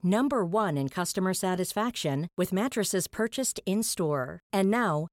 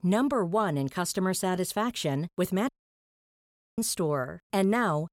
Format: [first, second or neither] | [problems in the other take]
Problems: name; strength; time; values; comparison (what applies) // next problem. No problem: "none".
first | audio cutting out; at 2.5 s for 1 s